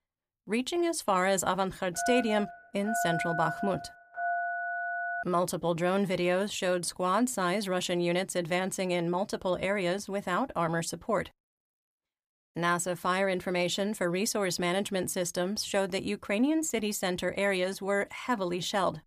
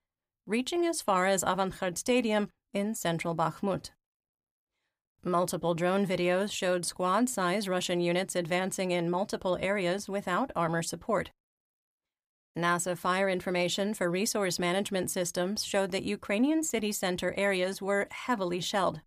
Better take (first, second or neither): second